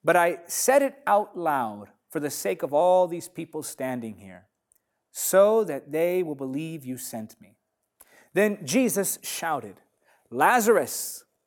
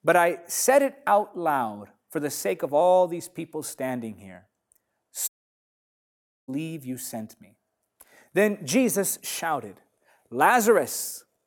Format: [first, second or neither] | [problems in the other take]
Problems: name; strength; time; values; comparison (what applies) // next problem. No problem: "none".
first | audio cutting out; at 5.5 s for 1 s